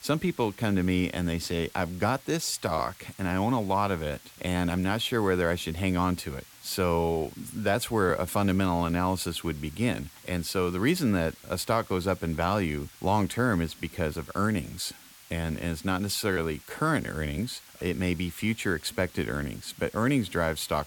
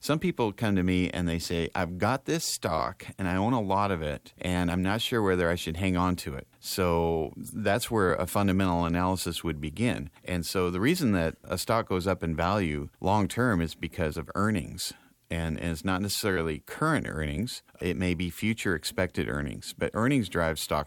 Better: second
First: hiss; faint; throughout; 20 dB below the speech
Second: none

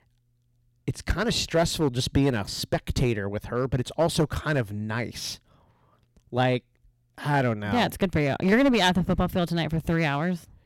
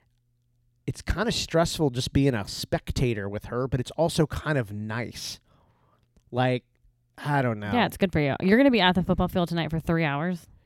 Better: second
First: distortion; slight; 4% of the sound clipped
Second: none

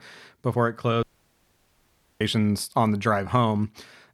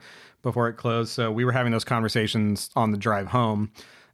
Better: second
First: audio cutting out; at 1 s for 1 s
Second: none

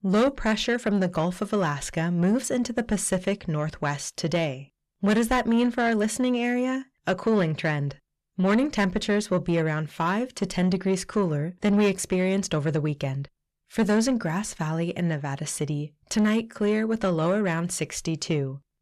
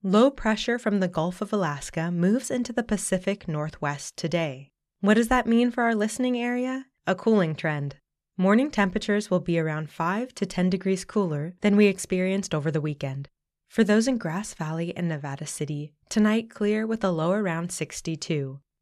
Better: second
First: distortion; slight; 10 dB below the speech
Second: none

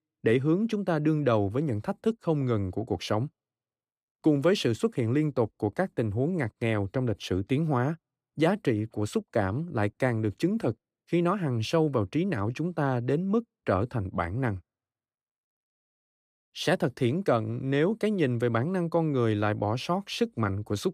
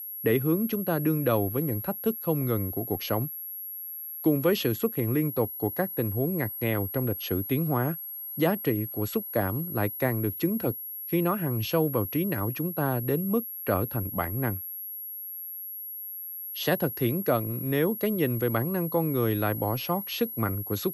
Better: first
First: none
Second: high-pitched whine; loud; throughout; 11.5 kHz, 6 dB below the speech

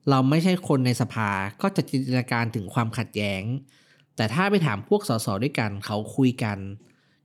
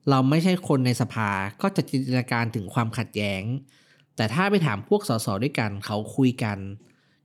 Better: neither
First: none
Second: none

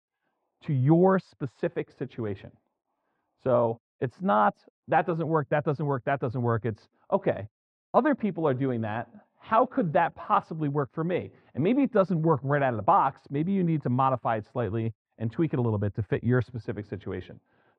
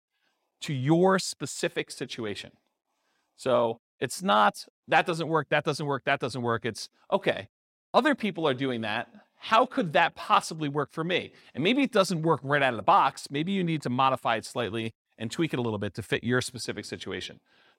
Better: second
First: muffled; very; fading above 1 kHz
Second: none

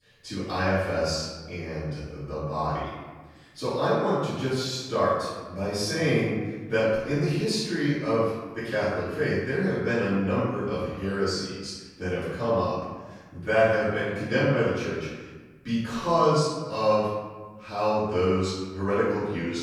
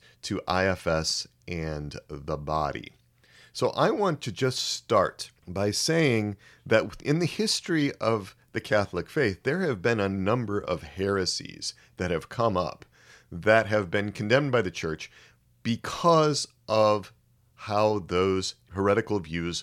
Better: second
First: off-mic speech; far // room echo; strong; dies away in 1.2 s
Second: none

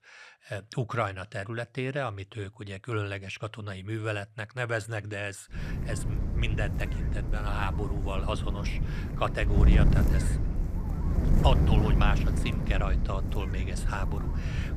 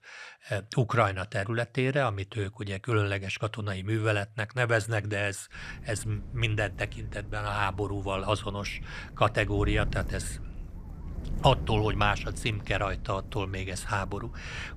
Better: second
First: wind noise on the microphone; heavy; from 5.5 s on; 6 dB below the speech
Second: wind noise on the microphone; occasional gusts; from 5.5 s on; 20 dB below the speech

